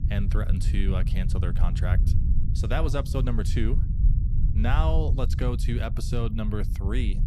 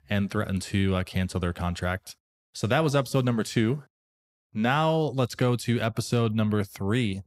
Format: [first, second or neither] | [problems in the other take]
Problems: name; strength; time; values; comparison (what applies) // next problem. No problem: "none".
second | low rumble; loud; throughout; 9 dB below the speech